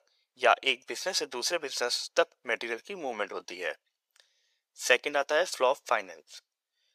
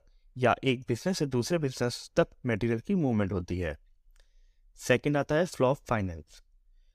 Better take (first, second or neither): second